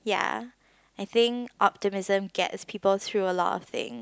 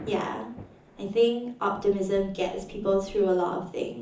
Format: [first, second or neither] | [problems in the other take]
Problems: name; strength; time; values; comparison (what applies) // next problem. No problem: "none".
first | background sound (Thunder / Rain); 19 dB below the speech // room echo; dies away in 0.6 s